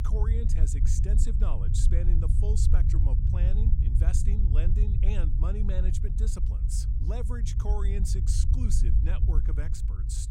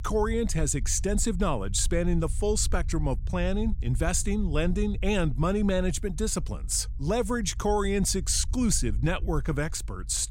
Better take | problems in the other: second | low rumble; loud; throughout; 2 dB below the speech; faint in the second

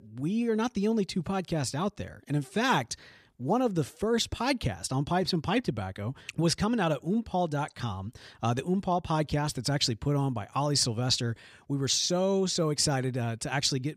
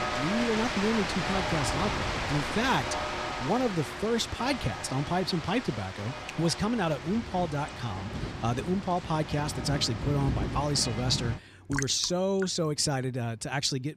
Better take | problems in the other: first | rain or running water; loud; throughout; 4 dB below the speech

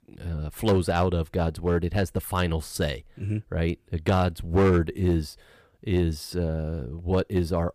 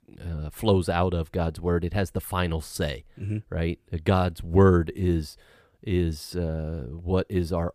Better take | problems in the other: second | distortion; slight; 3% of the sound clipped

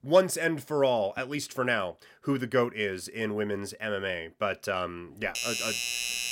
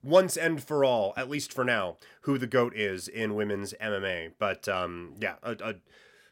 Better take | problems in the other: second | doorbell; loud; from 5.5 s on; peak 1 dB above the speech

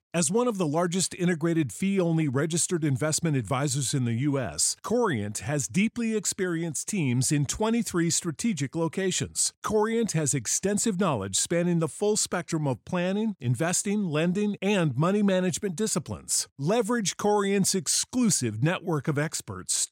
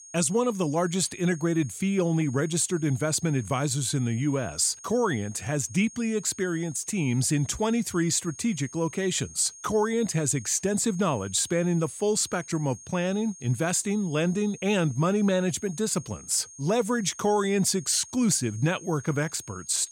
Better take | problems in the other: first | high-pitched whine; noticeable; throughout; 6.5 kHz, 20 dB below the speech

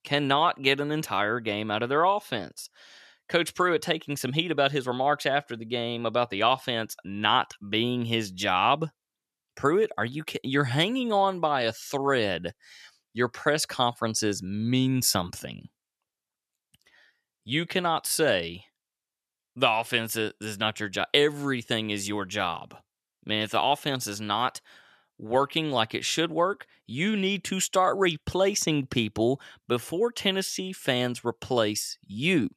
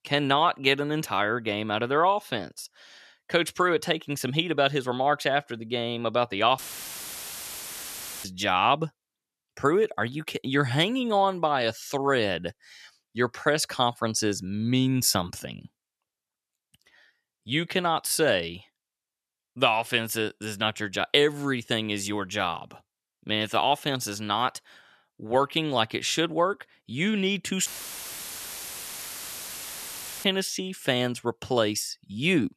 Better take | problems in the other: first | audio cutting out; filled with static; at 6.5 s for 1.5 s and at 28 s for 2.5 s

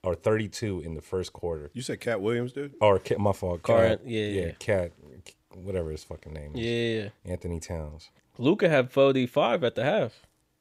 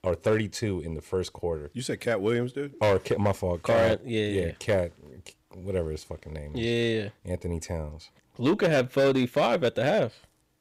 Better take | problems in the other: first | distortion; slight; 5% of the sound clipped

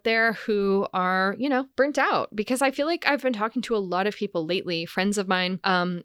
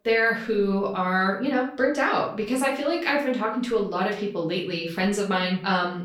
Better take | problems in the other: first | room echo; slight; dies away in 0.4 s // off-mic speech; far

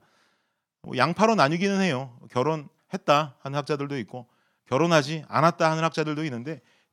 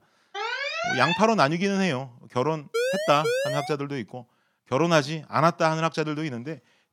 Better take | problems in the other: first | alarm; noticeable; at 0.5 s; peak 1 dB below the speech // siren; noticeable; at 2.5 s; peak 1 dB below the speech

